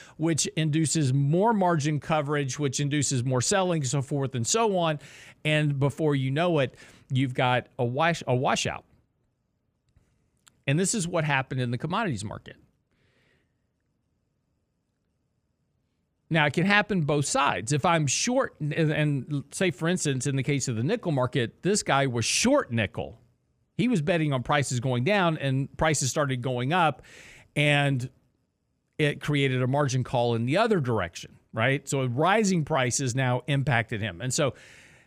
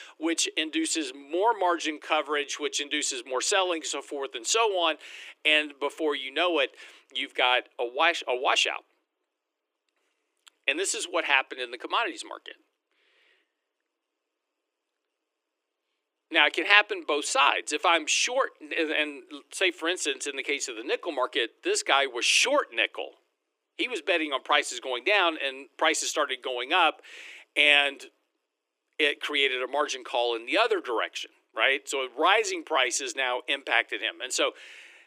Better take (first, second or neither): first